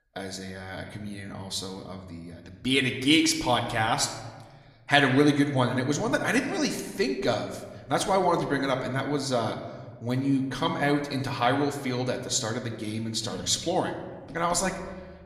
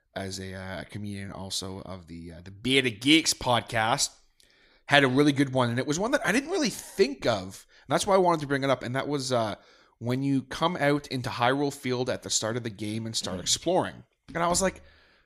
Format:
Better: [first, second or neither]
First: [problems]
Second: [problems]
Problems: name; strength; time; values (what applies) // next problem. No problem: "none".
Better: second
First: room echo; slight; dies away in 1.1 s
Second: none